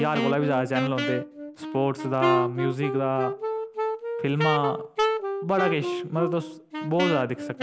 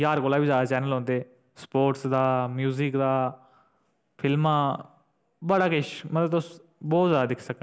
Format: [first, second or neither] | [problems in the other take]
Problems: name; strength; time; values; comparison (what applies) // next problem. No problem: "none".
second | background sound (Wind instrument, woodwind instrument); 2 dB below the speech